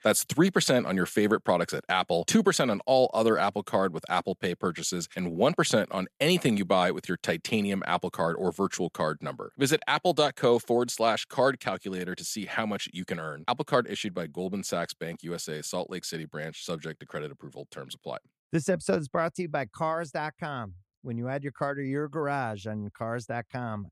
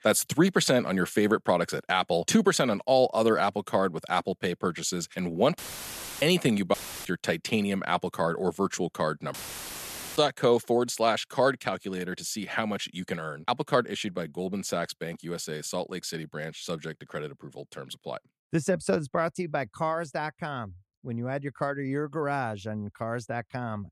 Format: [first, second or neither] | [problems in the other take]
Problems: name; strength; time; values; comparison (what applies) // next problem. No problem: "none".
first | audio cutting out; filled with static; at 5.5 s for 0.5 s, at 6.5 s and at 9.5 s for 1 s